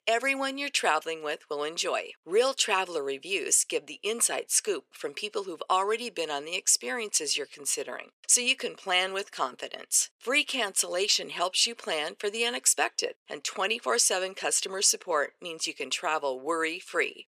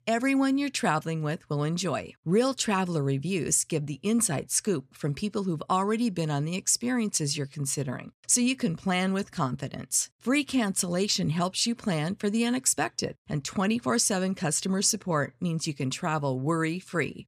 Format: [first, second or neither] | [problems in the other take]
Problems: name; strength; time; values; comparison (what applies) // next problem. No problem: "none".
second | thin; very; fading below 400 Hz